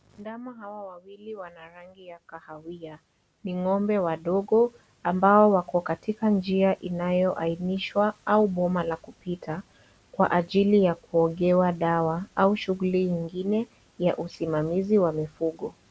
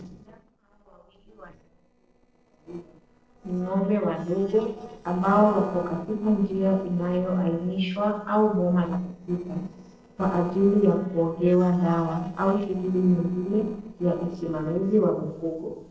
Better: first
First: none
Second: noise reduction (neural separator model SepFormer DNS4)

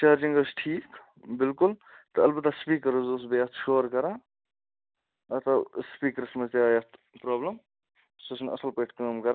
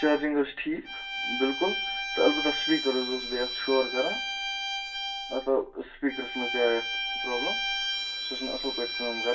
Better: first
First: none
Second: background sound (Bowed string instrument); 3 dB below the speech // room echo; dies away in 0.2 s

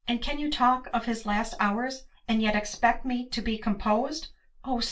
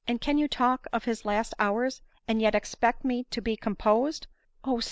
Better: second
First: room echo; dies away in 0.2 s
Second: none

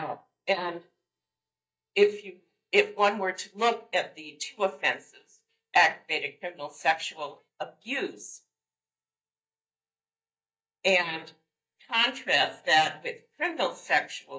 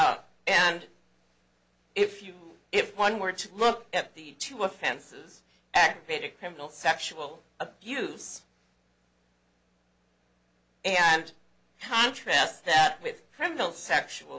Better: second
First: noise reduction (neural mask model DeepFilterNet 3)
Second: none

